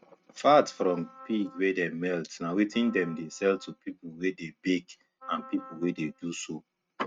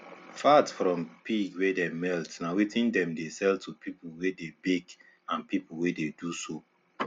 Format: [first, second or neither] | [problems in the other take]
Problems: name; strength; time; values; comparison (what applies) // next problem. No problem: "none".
second | noise reduction (neural mask model RNNoise)